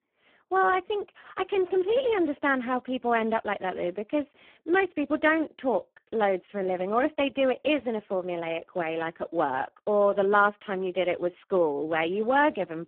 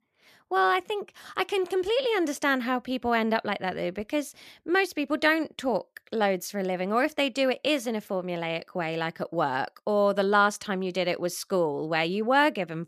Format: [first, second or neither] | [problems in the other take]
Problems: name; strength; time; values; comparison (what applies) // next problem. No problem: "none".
second | phone-call audio; poor line